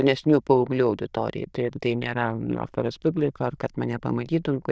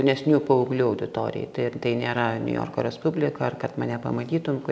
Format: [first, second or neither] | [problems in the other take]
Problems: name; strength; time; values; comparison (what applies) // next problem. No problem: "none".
second | noise reduction (neural diffusion model UNIVERSE++)